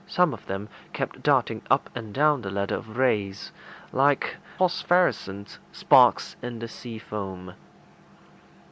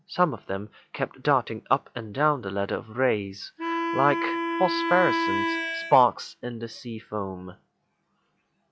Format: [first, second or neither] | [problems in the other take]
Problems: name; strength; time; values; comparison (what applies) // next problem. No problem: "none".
first | noise reduction (classical method log-MMSE)